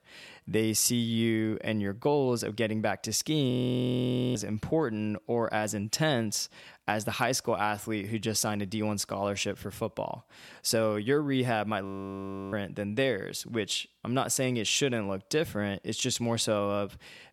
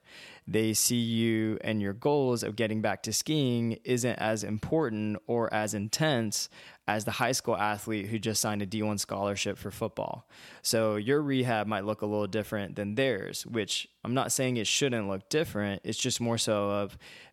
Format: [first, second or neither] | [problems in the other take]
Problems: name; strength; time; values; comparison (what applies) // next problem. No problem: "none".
second | audio freezing; at 3.5 s for 1 s and at 12 s for 0.5 s